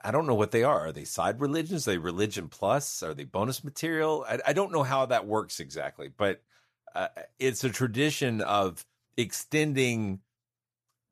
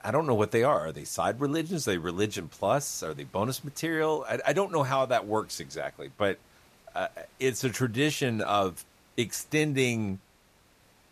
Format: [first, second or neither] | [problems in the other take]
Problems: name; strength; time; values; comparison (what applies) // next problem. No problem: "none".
first | hiss; faint; throughout; 30 dB below the speech